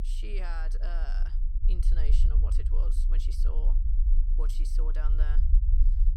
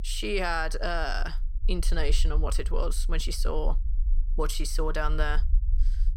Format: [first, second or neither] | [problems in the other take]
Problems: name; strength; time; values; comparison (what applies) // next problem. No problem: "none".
second | low rumble; loud; throughout; 6 dB below the speech; faint in the second